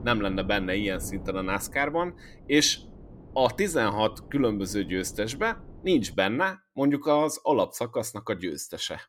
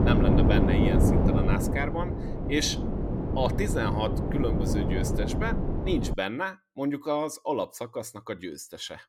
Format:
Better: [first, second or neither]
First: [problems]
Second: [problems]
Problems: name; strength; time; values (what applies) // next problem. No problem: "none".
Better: first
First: wind noise on the microphone; occasional gusts; until 6 s; 25 dB below the speech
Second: wind noise on the microphone; heavy; until 6 s; 1 dB below the speech